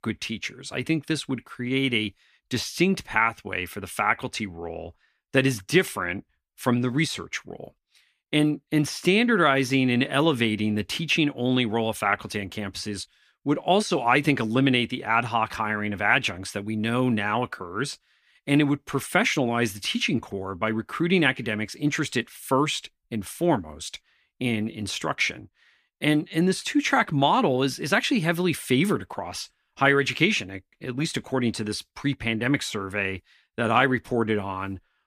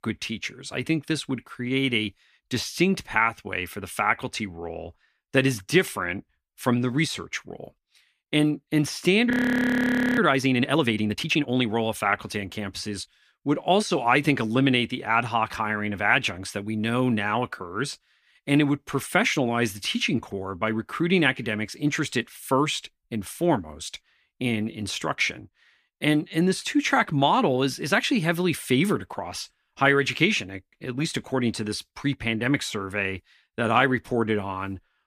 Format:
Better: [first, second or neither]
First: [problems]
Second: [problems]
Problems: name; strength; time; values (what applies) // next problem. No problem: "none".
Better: first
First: none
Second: audio freezing; at 9.5 s for 1 s